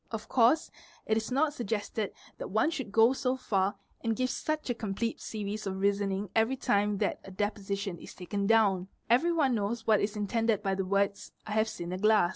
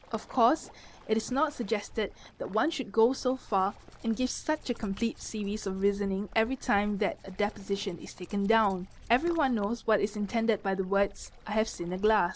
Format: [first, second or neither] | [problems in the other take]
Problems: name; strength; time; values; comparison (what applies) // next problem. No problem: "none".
first | background sound (Waves, surf + Tools); 19 dB below the speech